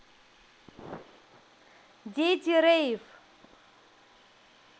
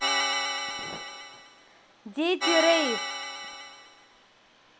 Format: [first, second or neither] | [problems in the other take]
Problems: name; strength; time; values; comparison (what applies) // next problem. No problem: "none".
first | background sound (Organ); as loud as the speech